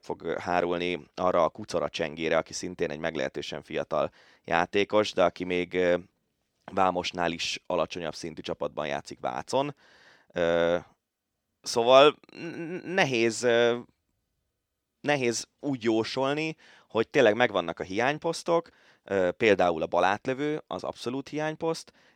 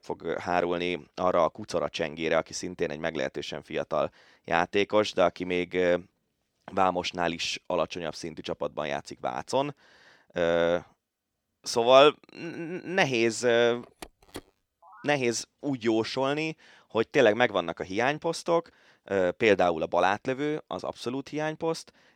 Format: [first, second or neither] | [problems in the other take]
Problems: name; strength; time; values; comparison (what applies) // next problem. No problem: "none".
first | phone ringing; faint; from 14 to 15 s; peak 20 dB below the speech